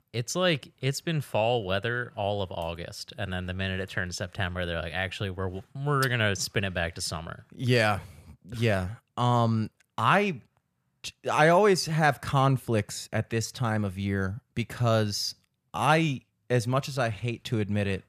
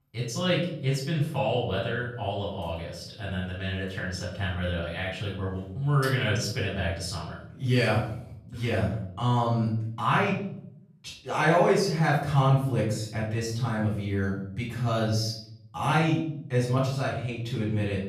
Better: first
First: none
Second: off-mic speech; far // room echo; noticeable; dies away in 0.7 s

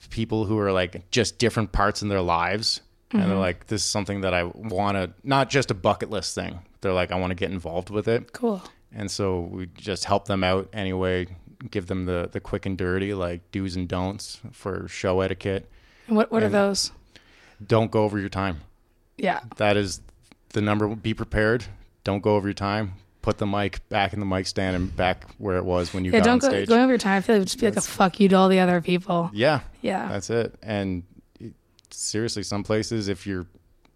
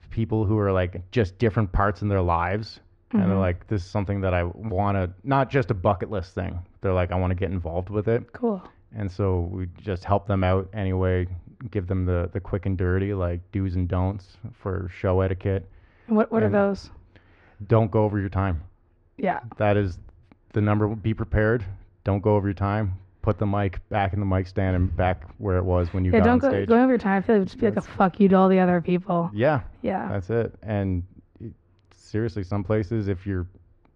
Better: first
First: none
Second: muffled; very; fading above 1.5 kHz

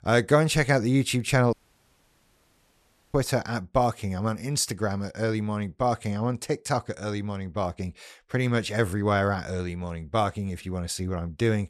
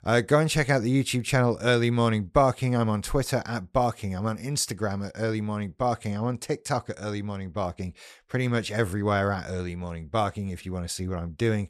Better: second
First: audio cutting out; at 1.5 s for 1.5 s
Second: none

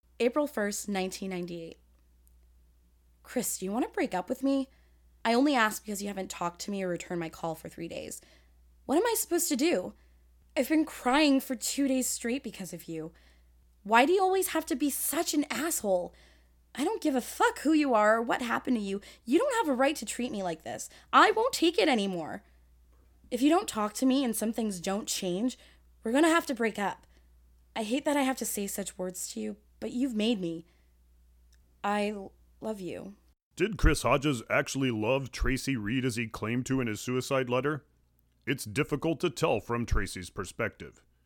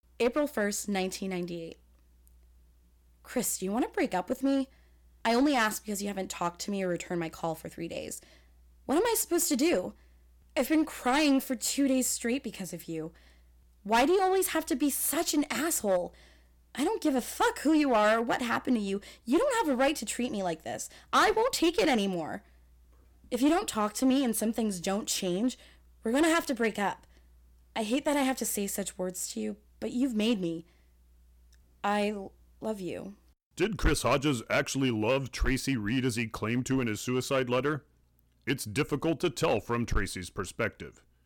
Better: first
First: none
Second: distortion; slight; 4% of the sound clipped

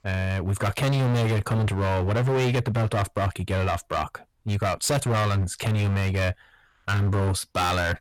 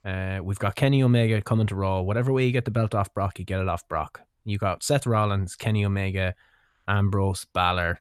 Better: second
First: distortion; heavy; 25% of the sound clipped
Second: none

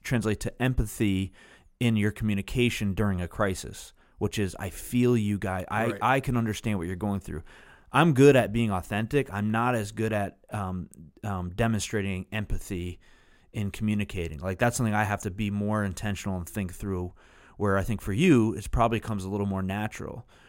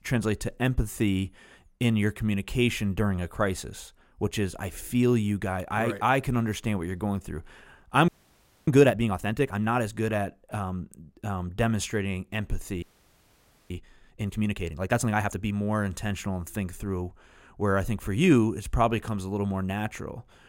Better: first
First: none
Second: audio freezing; at 8 s for 0.5 s and at 13 s for 1 s

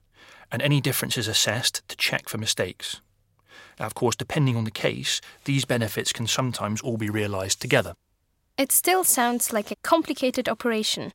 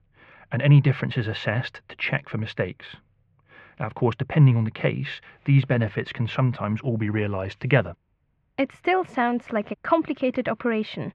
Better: first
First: none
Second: muffled; very; fading above 2.5 kHz

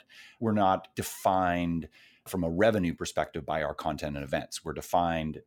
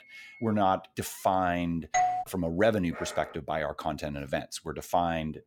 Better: first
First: none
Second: phone ringing; faint; at the start; peak 20 dB below the speech // doorbell; loud; at 2 s; peak 3 dB above the speech // dog barking; faint; at 3 s; peak 10 dB below the speech

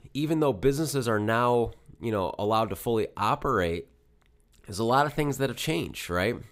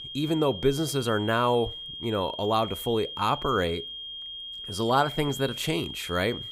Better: first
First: none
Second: high-pitched whine; loud; throughout; 3 kHz, 9 dB below the speech

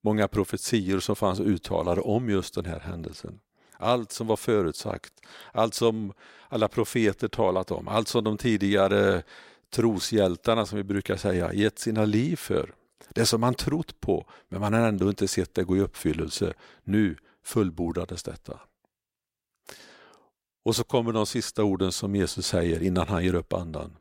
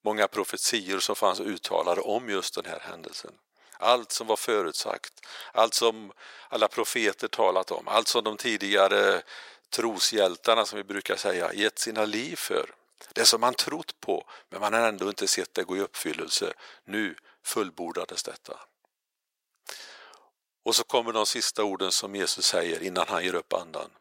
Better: first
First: none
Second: thin; very; fading below 600 Hz

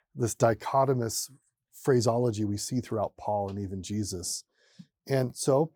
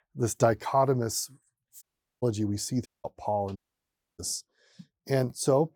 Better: first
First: none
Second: audio cutting out; at 2 s, at 3 s and at 3.5 s for 0.5 s

